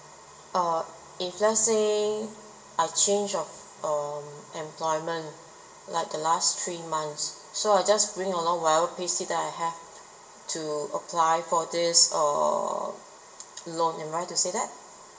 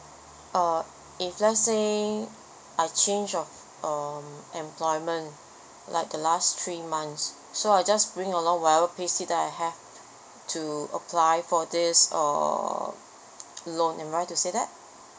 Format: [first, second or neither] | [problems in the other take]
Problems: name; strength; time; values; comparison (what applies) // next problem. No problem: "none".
second | room echo; dies away in 2.5 s